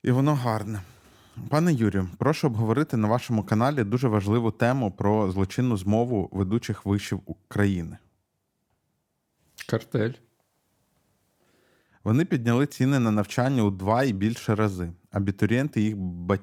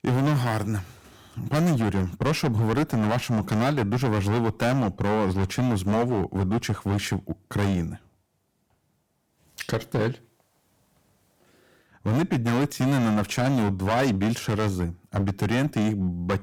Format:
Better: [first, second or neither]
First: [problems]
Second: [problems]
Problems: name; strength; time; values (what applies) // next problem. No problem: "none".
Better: first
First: none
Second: distortion; heavy; 14% of the sound clipped